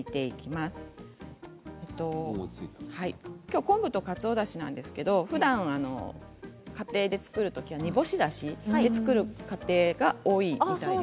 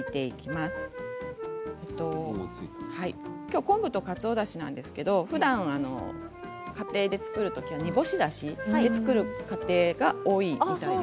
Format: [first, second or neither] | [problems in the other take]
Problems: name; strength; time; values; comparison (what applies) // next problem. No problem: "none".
first | background sound (Wind instrument, woodwind instrument); 11 dB below the speech